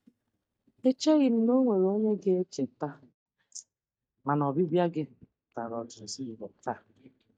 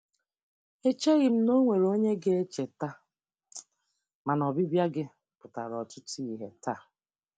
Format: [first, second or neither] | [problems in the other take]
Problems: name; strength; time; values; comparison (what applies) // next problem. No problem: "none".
second | noise reduction (neural mask model DeepFilterNet 3)